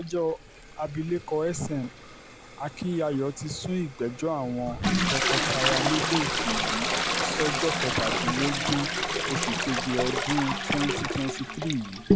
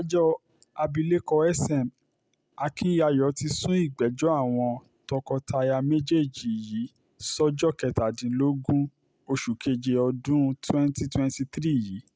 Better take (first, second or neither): second